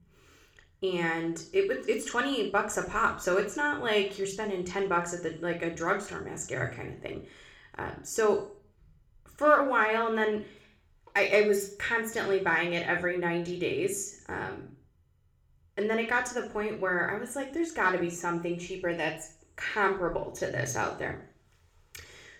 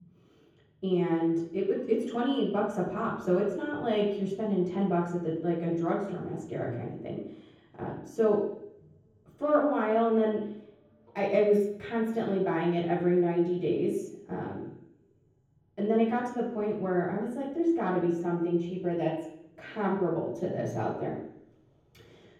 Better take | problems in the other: first | room echo; strong; dies away in 0.9 s; slight in the first // off-mic speech; far

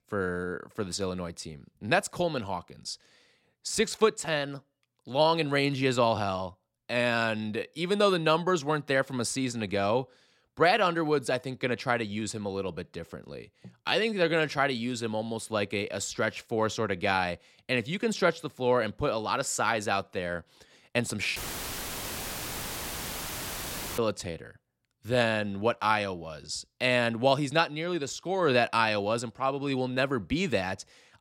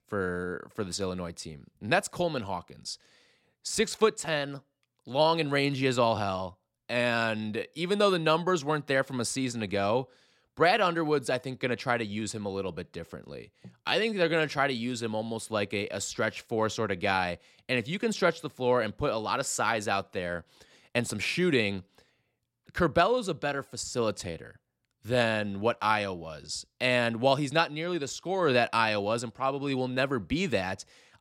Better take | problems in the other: second | audio cutting out; filled with static; at 21 s for 2.5 s

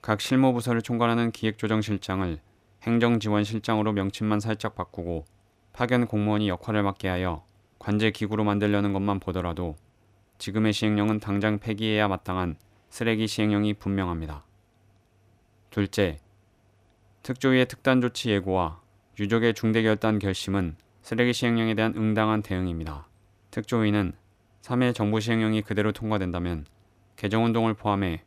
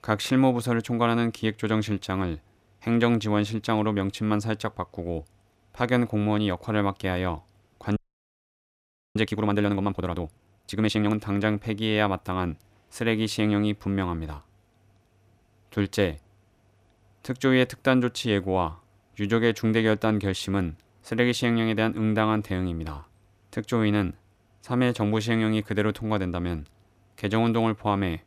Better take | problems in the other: first | audio freezing; at 8 s for 1 s

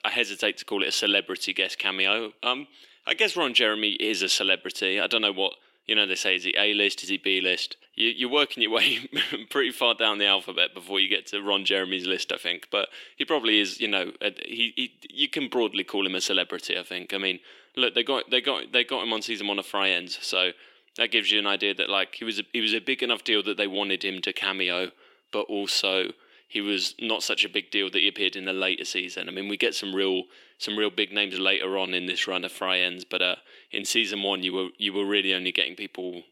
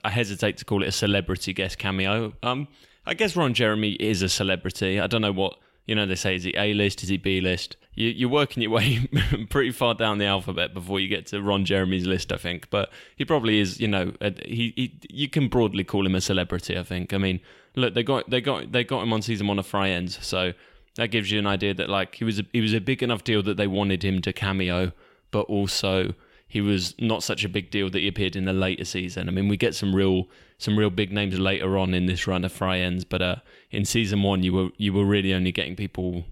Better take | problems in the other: second | thin; somewhat; fading below 300 Hz

